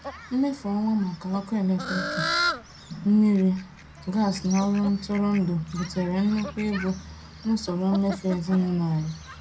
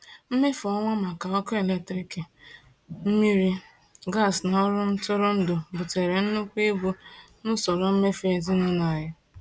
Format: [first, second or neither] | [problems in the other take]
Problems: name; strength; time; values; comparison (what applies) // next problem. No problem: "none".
second | background sound (Fowl); 10 dB below the speech // room echo; dies away in 0.2 s